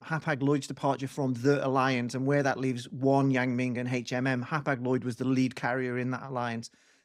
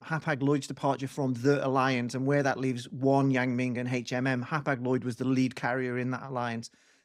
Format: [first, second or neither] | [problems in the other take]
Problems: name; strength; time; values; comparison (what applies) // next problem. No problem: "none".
neither | none